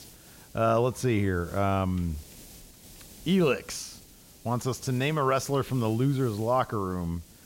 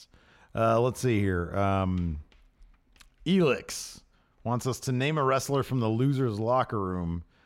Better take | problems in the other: second | hiss; faint; throughout; 20 dB below the speech

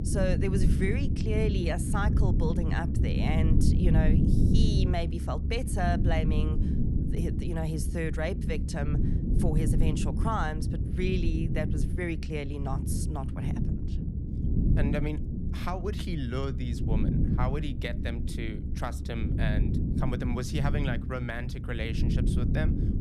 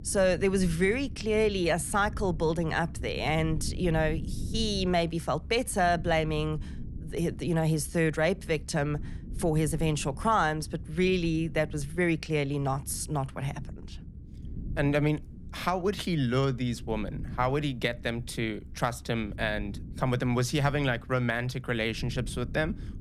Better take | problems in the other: second | low rumble; loud; throughout; 4 dB below the speech; faint in the second

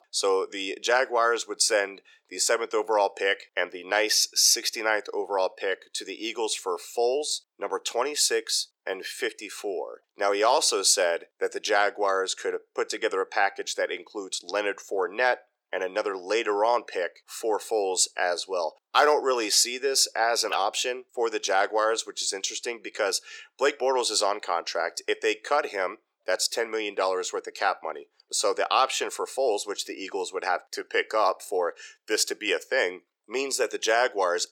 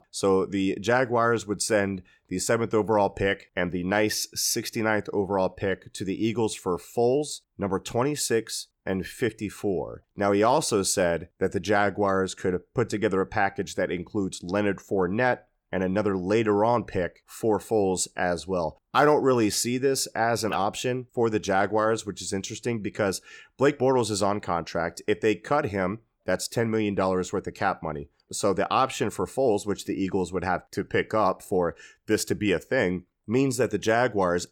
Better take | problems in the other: second | thin; very; fading below 400 Hz

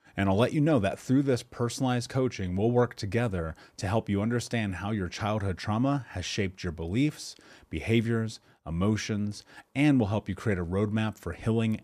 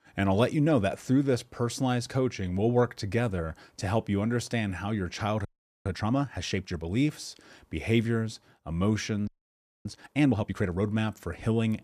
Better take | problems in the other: first | audio freezing; at 5.5 s and at 9.5 s for 0.5 s

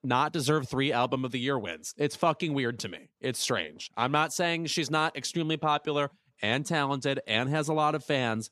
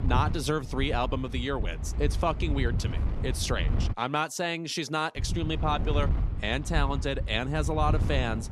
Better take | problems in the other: first | wind noise on the microphone; occasional gusts; until 4 s and from 5 s on; 15 dB below the speech

